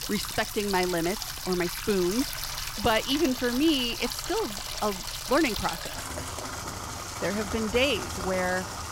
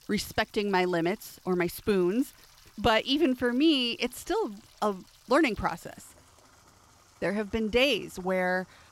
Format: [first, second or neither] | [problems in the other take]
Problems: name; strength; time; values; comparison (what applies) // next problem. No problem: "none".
second | household noises; loud; throughout; 5 dB below the speech; faint in the second